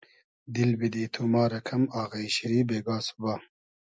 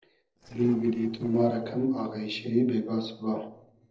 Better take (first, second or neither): first